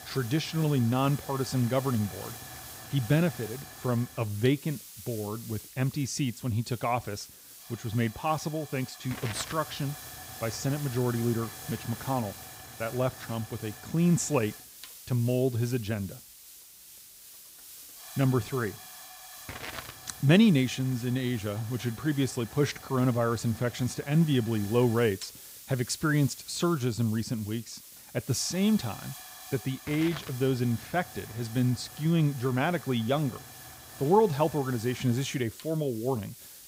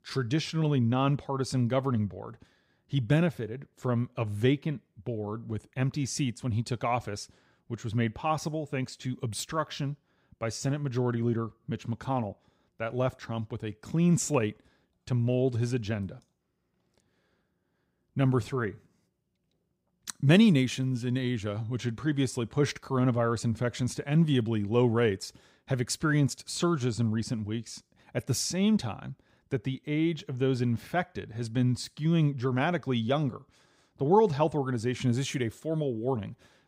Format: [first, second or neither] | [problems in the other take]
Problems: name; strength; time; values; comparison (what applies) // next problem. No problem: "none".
second | hiss; noticeable; throughout; 15 dB below the speech